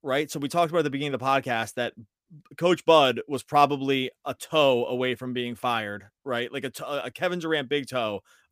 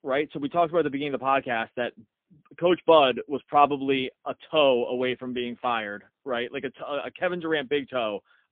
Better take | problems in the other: first | phone-call audio; poor line; nothing above 3.5 kHz

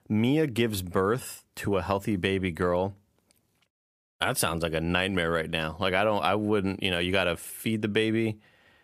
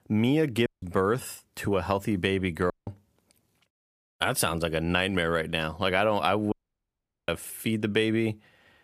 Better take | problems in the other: first | audio cutting out; at 0.5 s, at 2.5 s and at 6.5 s for 1 s

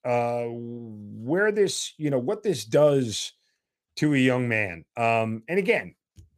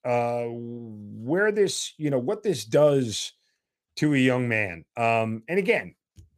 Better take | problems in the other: neither | none

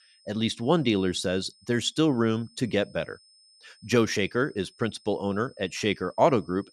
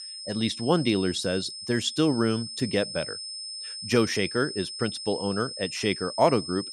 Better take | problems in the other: first | high-pitched whine; loud; throughout; 5 kHz, 8 dB below the speech; faint in the first

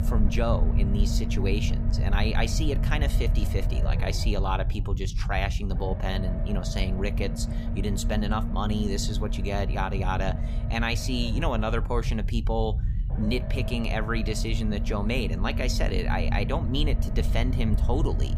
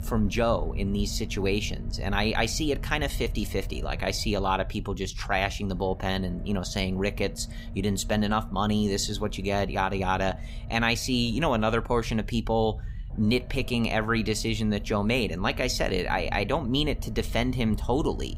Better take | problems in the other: second | low rumble; loud; throughout; 9 dB below the speech; faint in the second

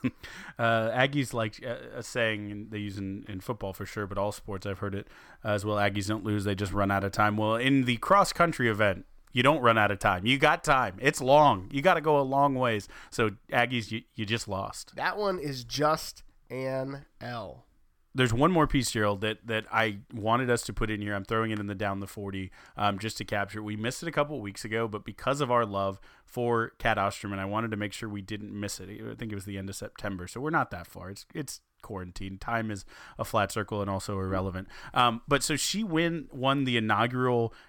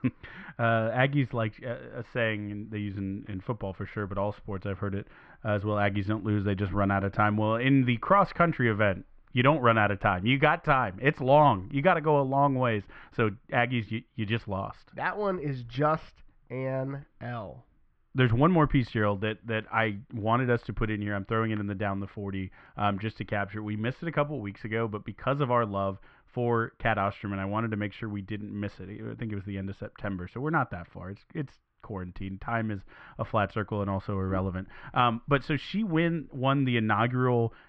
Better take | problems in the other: first | muffled; very; fading above 3 kHz

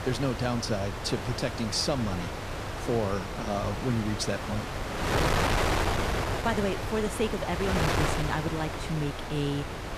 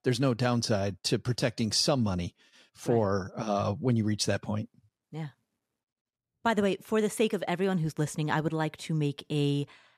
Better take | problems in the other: second | wind noise on the microphone; heavy; 1 dB above the speech

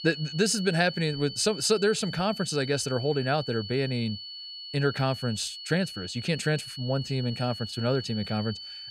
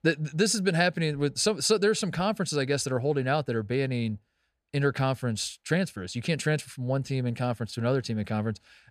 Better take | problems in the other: second | high-pitched whine; loud; throughout; 4.5 kHz, 10 dB below the speech

